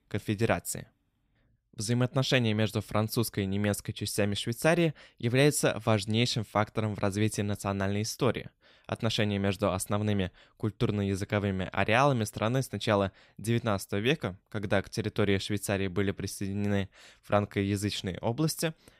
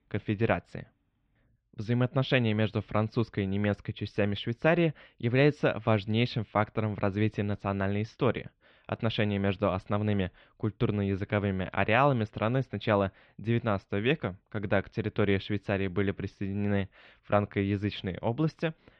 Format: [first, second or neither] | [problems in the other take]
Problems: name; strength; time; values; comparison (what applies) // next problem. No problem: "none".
first | muffled; very; fading above 3 kHz